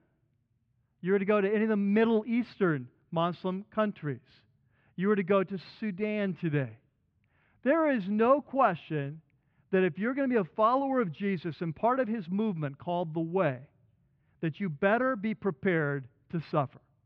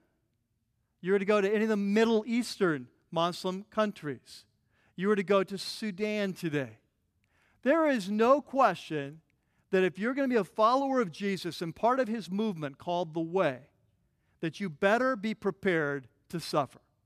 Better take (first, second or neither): second